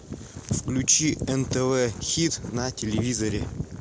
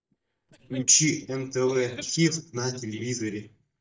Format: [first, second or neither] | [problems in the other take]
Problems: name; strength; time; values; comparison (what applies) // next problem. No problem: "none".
first | noise reduction (neural mask model DeepFilterNet 3)